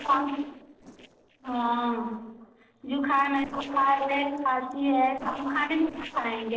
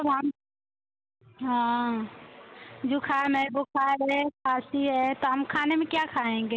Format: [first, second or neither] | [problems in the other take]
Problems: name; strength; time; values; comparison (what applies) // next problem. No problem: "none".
second | noise reduction (neural separator model SepFormer DNS4)